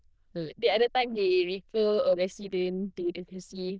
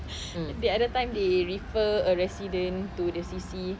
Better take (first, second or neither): second